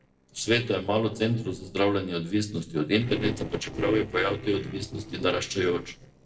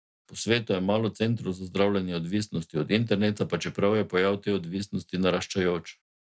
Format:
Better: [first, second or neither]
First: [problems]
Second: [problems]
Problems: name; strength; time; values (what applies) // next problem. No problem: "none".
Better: second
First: noise reduction (neural separator model SepFormer DNS4)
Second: none